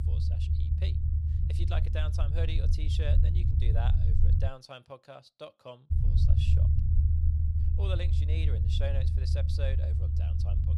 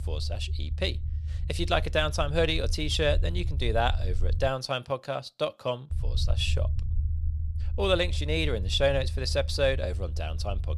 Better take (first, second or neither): second